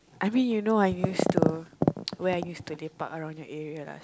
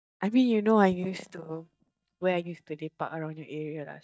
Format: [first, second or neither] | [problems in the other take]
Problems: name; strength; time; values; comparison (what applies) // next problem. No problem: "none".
first | noise reduction (neural mask model DeepFilterNet 3)